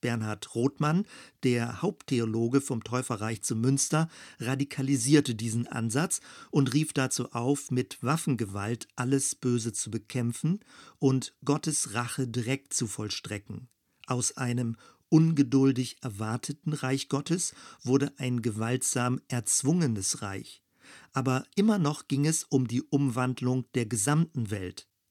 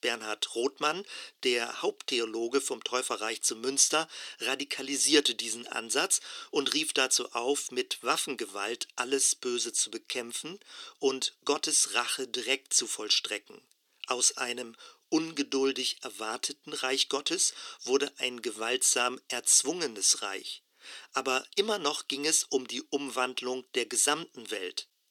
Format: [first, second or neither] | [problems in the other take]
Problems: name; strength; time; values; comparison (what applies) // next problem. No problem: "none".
first | thin; very; fading below 400 Hz